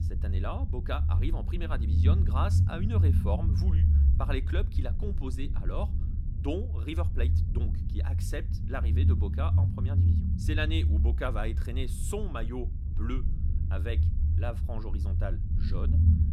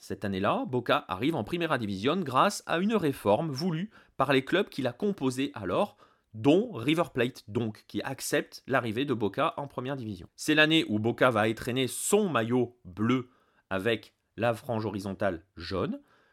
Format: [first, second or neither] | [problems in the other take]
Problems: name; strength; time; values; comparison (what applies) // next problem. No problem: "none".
second | low rumble; loud; throughout; 5 dB below the speech